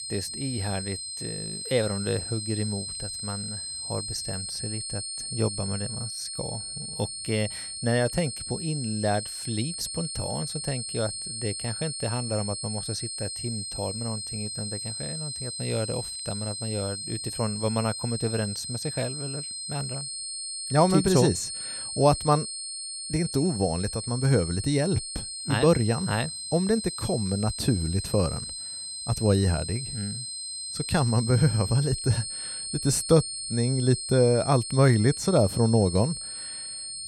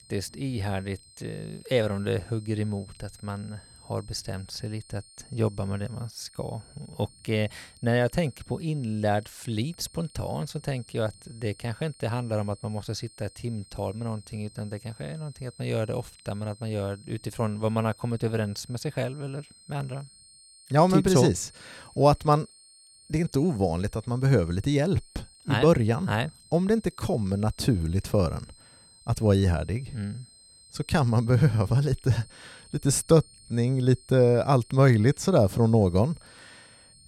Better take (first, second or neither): second